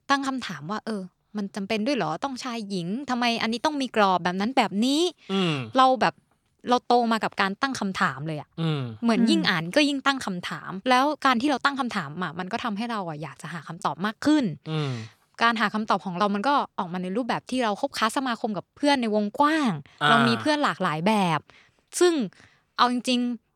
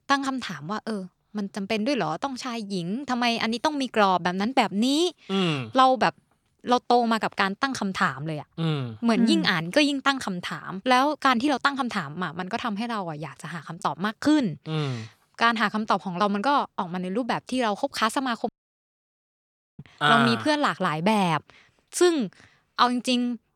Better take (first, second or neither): first